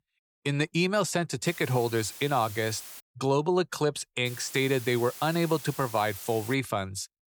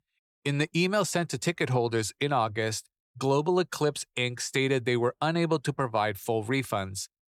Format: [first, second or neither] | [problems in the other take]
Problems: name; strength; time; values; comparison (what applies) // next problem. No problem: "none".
second | hiss; noticeable; from 1.5 to 3 s and from 4.5 to 6.5 s; 15 dB below the speech